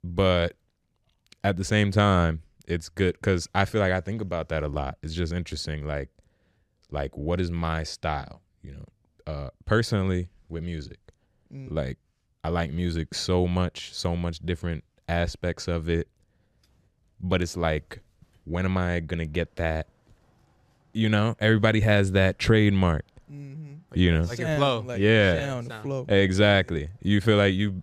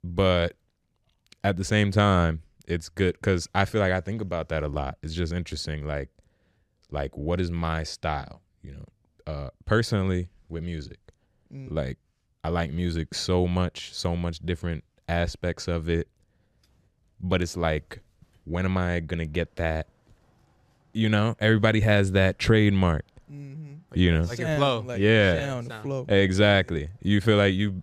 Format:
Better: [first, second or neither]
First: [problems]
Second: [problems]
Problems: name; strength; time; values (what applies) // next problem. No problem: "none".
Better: neither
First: none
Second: none